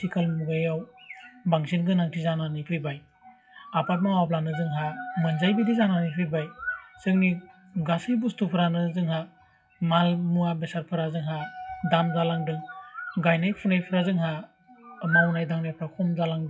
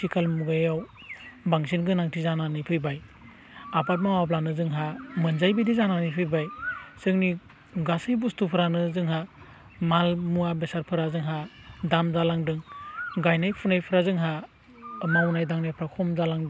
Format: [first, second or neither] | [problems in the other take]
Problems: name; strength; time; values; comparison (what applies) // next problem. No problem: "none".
second | noise reduction (classical method WPE with log-MMSE)